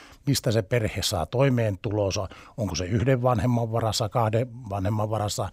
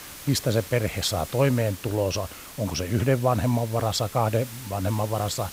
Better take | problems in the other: first | hiss; noticeable; throughout; 15 dB below the speech

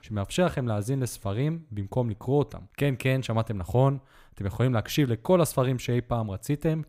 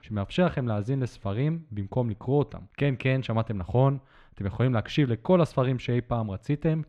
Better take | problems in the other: first | muffled; slightly; fading above 3 kHz

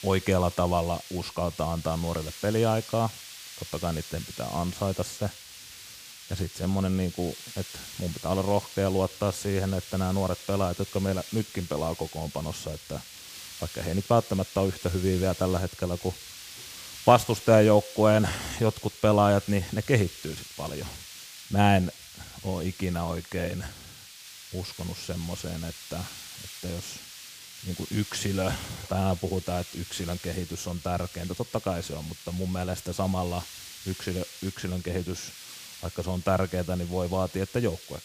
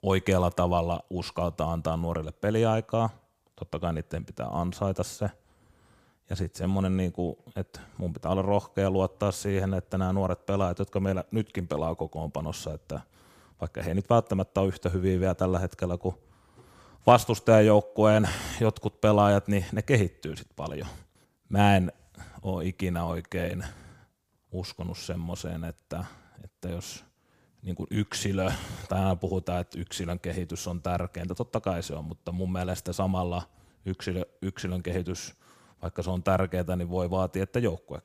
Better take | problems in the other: second | hiss; noticeable; throughout; 15 dB below the speech

